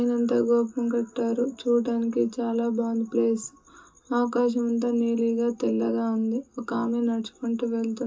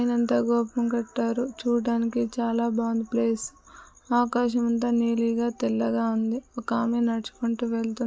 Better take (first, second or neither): second